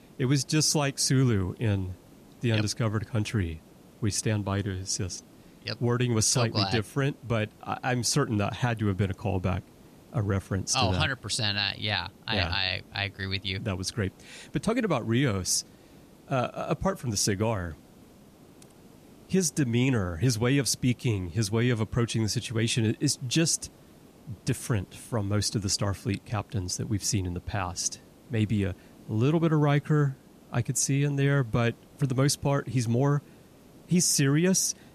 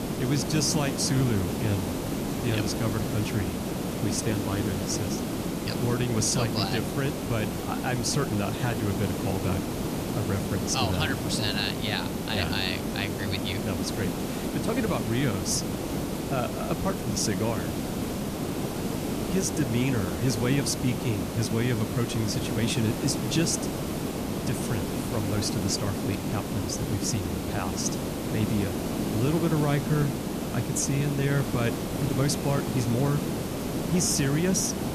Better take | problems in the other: first | hiss; loud; throughout; 2 dB below the speech; faint in the first

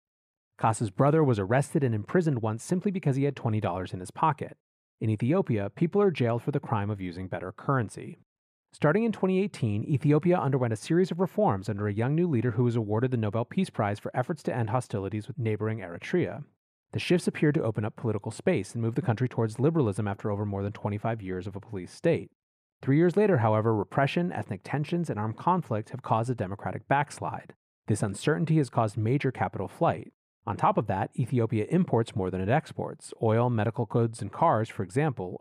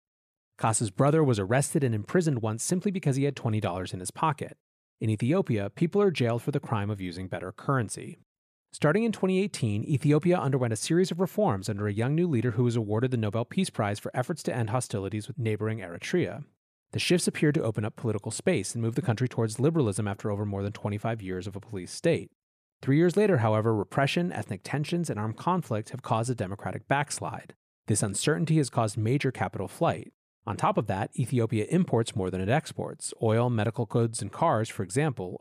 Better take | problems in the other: second | muffled; slightly; fading above 3.5 kHz

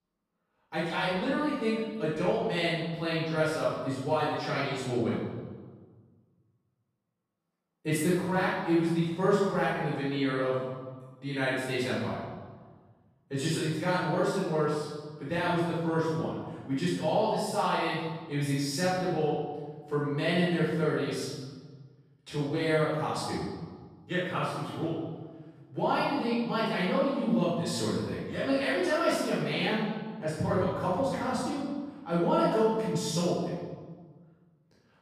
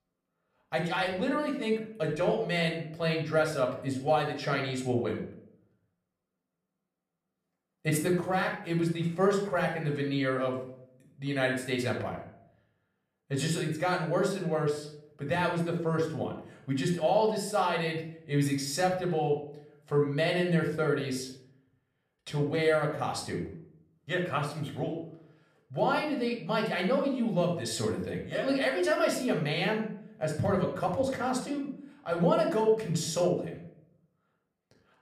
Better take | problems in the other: second | room echo; strong; dies away in 1.3 s; slight in the second // off-mic speech; far; somewhat distant in the second

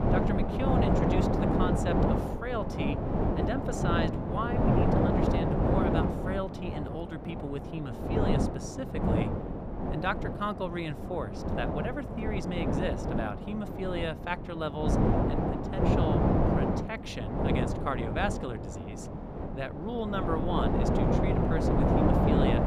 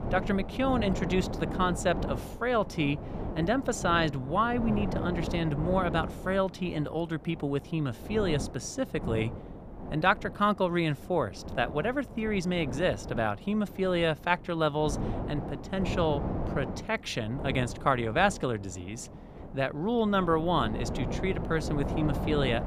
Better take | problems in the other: second | wind noise on the microphone; heavy; 3 dB above the speech; occasional gusts in the second

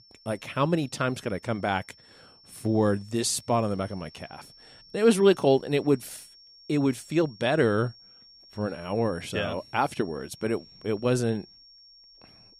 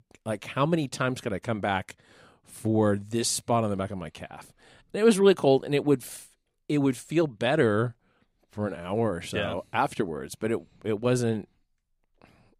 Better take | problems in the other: second | high-pitched whine; faint; throughout; 5.5 kHz, 25 dB below the speech

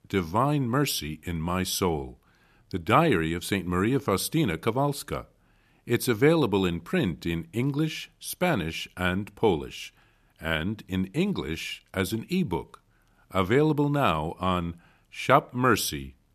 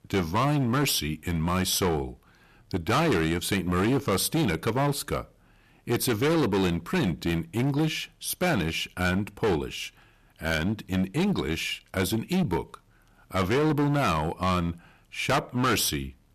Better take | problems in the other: first | distortion; heavy; 13% of the sound clipped

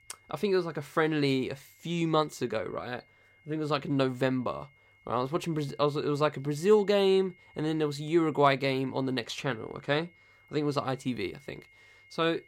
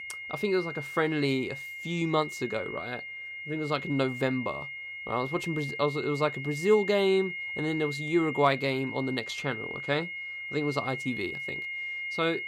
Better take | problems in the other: first | high-pitched whine; loud; throughout; 2 kHz, 6 dB below the speech; faint in the first

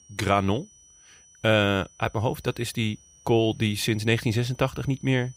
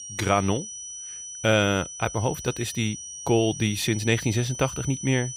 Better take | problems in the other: first | high-pitched whine; loud; throughout; 6 kHz, 10 dB below the speech; faint in the first

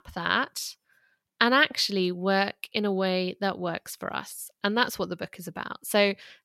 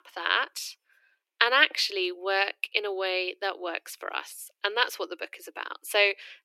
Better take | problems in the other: first | thin; very; fading below 300 Hz

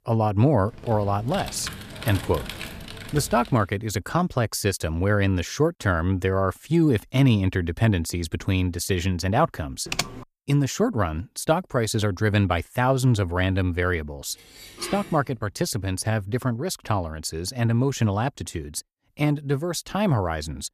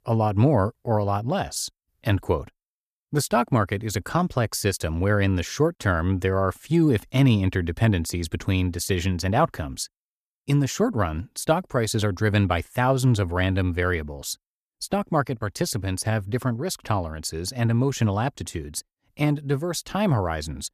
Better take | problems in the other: second | keyboard typing; noticeable; from 0.5 to 3.5 s and at 10 s; peak 4 dB below the speech // clattering dishes; faint; at 14 s; peak 10 dB below the speech

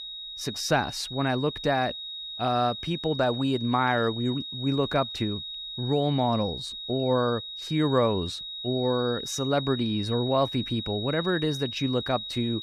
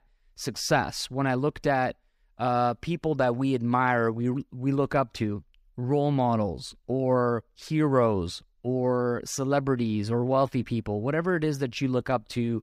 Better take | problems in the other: second | high-pitched whine; loud; throughout; 4 kHz, 7 dB below the speech

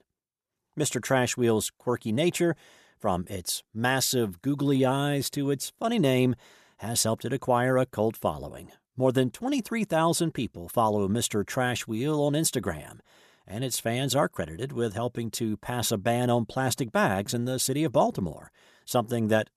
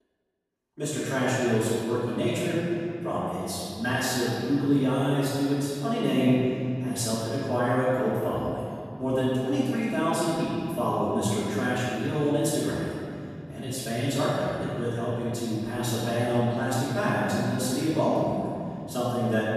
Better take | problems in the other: first | room echo; strong; dies away in 2.4 s // off-mic speech; far

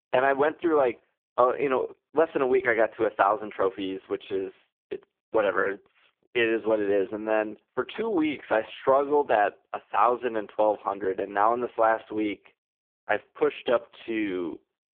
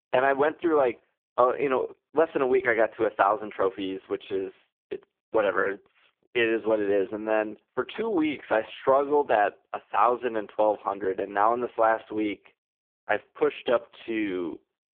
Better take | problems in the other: neither | phone-call audio; poor line; the same in both

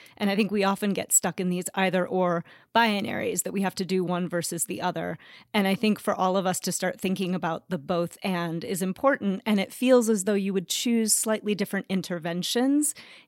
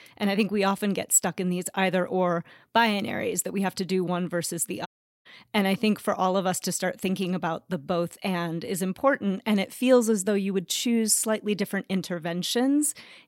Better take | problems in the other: first | audio cutting out; at 5 s

